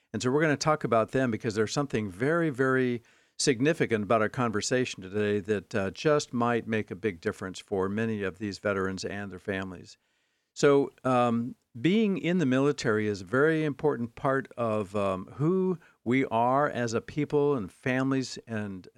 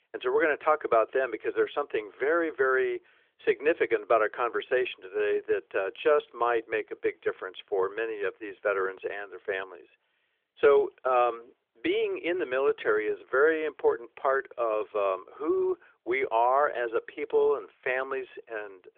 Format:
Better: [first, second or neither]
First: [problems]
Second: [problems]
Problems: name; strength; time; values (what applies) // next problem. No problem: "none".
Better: first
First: none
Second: phone-call audio; nothing above 3.5 kHz